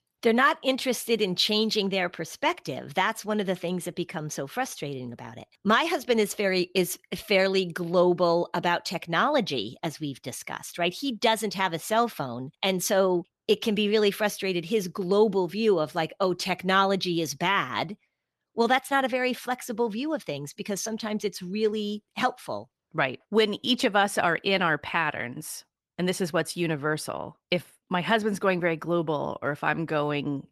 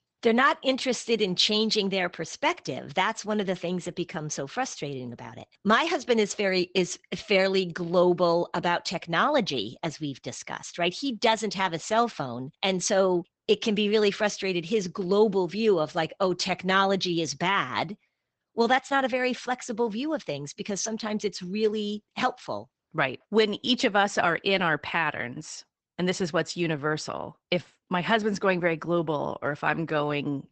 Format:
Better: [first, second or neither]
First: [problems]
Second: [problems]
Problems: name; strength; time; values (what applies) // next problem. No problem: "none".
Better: first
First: garbled, watery; slightly; nothing above 13.5 kHz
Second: garbled, watery; badly; nothing above 8 kHz